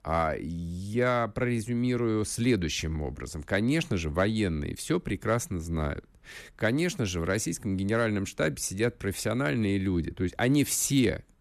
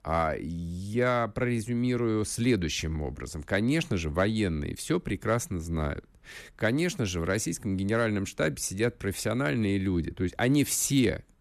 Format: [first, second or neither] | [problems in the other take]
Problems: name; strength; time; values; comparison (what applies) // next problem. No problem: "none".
neither | none